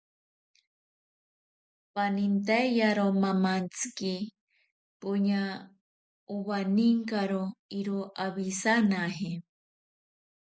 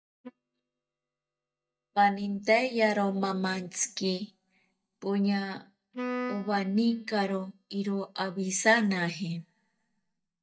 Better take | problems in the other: first | noise reduction (neural mask model DeepFilterNet 3)

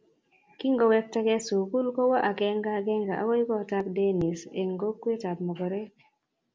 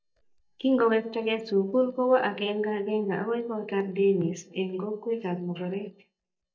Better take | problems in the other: first | noise reduction (neural mask model DeepFilterNet 3)

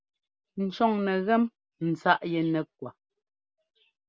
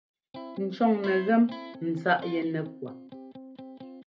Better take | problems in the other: first | background sound (Electric guitar); 15 dB below the speech // room echo; dies away in 0.3 s

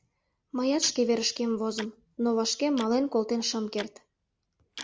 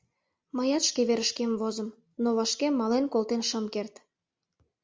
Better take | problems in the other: second | background sound (Tick-tock); 19 dB below the speech

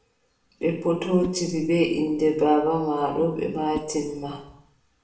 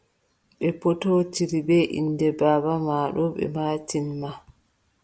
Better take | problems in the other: second | background sound (Whoosh, swoosh, swish); 20 dB below the speech // room echo; dies away in 0.6 s

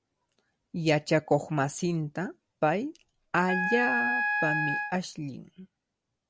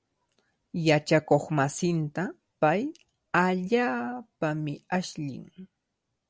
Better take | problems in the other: second | background sound (Wind instrument, woodwind instrument); as loud as the speech

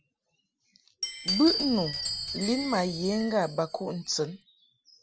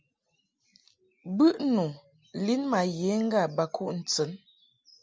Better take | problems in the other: second | background sound (Glass); 5 dB below the speech

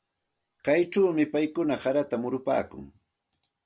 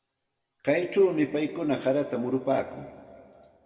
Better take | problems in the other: first | room echo; dies away in 1.9 s

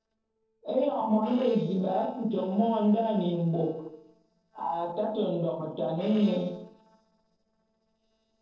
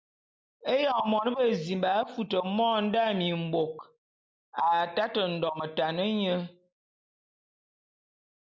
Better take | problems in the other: second | noise reduction (neural separator model SepFormer DNS4)

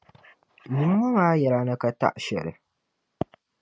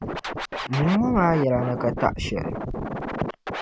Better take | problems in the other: first | background sound (Scratching (performance technique)); 5 dB below the speech

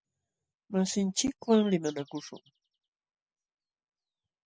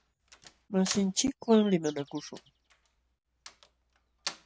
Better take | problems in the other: first | background sound (Slam); 15 dB below the speech

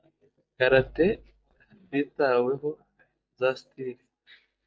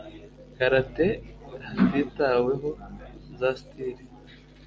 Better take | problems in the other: second | noise reduction (neural mask model DeepFilterNet 3)

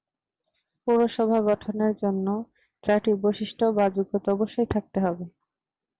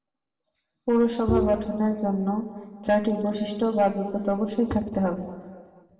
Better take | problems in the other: first | background sound (Bowed string instrument); 4 dB below the speech // room echo; dies away in 1.7 s

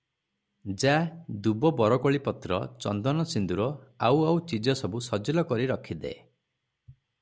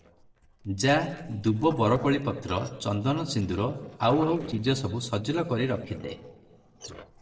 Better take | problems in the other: first | noise reduction (neural separator model SepFormer DNS4)

